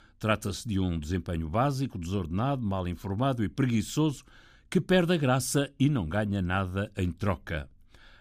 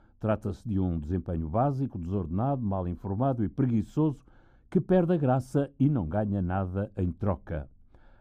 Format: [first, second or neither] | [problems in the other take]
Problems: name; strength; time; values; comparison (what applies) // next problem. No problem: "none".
first | muffled; very; fading above 1.5 kHz